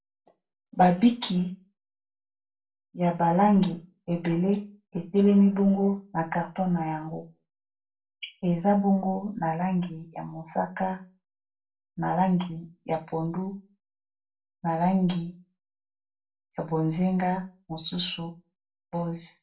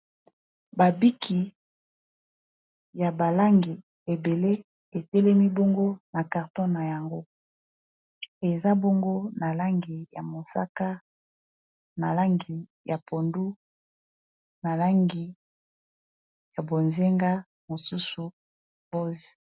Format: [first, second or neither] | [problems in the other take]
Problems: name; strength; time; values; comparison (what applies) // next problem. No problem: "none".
second | room echo; dies away in 0.2 s